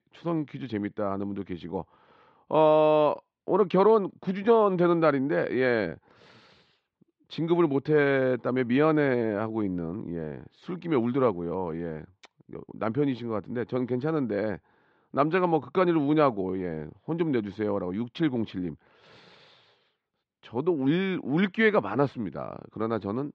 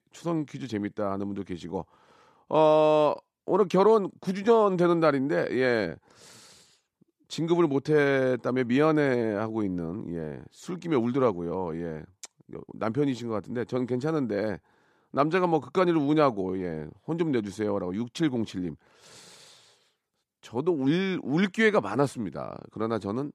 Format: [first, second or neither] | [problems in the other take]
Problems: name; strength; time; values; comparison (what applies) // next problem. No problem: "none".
second | muffled; slightly; fading above 3.5 kHz